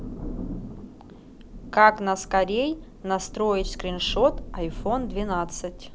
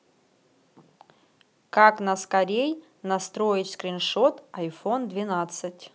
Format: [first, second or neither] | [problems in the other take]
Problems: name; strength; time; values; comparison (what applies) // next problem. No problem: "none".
second | background sound (Thunder); 10 dB below the speech